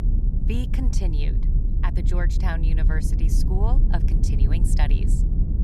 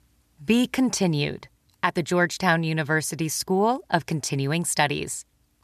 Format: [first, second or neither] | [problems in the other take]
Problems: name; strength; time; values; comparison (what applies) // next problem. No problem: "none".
second | low rumble; loud; throughout; 4 dB below the speech